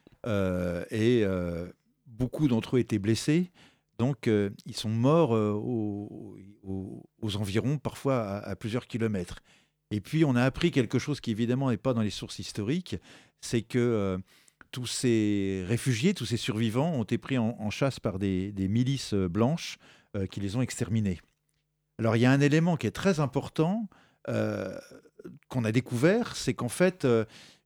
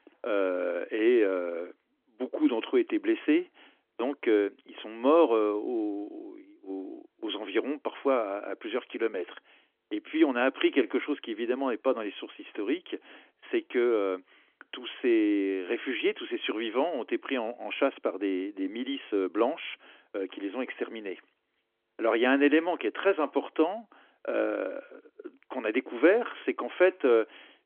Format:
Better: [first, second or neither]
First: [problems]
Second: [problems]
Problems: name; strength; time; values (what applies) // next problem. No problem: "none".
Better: first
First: none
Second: phone-call audio; nothing above 3.5 kHz